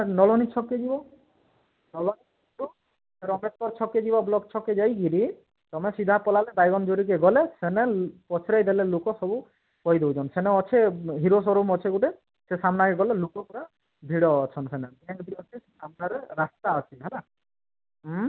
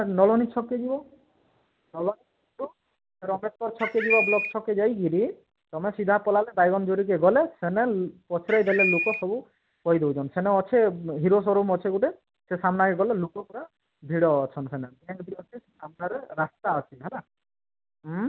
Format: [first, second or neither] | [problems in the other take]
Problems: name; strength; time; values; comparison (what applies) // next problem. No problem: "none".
first | background sound (Bird); 1 dB below the speech